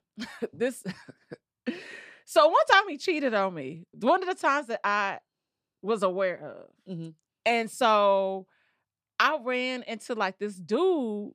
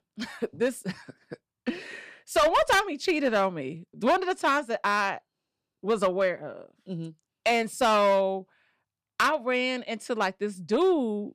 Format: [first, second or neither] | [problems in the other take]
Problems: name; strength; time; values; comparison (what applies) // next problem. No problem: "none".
first | distortion; slight; 5% of the sound clipped